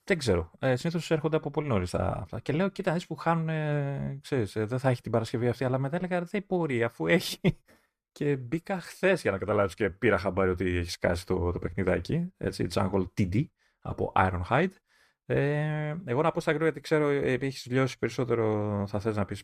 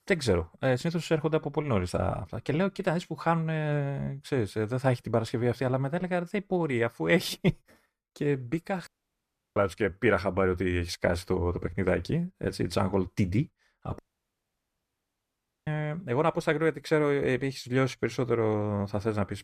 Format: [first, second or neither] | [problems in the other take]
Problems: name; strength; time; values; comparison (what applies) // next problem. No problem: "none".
first | audio cutting out; at 9 s for 0.5 s and at 14 s for 1.5 s